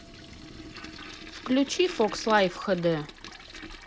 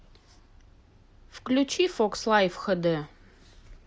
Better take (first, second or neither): second